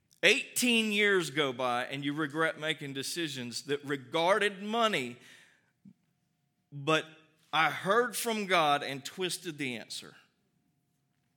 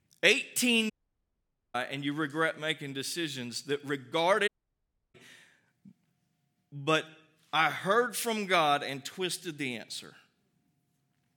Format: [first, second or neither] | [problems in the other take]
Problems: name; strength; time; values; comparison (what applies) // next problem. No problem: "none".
first | audio cutting out; at 1 s for 1 s and at 4.5 s for 0.5 s